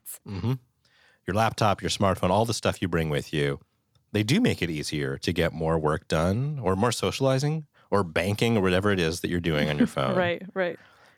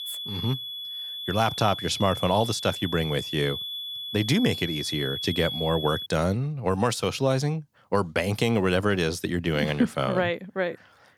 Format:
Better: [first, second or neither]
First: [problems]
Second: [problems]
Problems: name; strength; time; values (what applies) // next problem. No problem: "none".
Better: first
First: none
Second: high-pitched whine; loud; until 6 s; 3.5 kHz, 6 dB below the speech